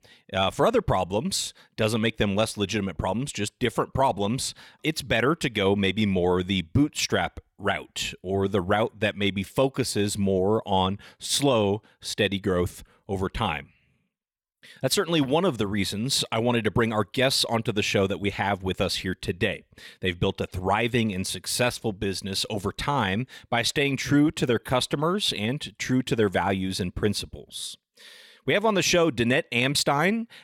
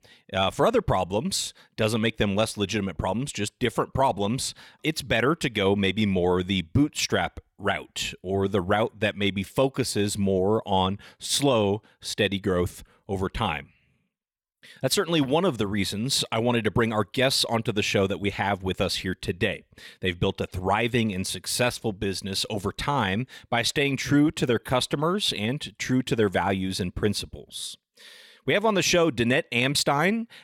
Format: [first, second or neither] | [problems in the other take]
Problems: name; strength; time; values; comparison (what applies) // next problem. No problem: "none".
neither | none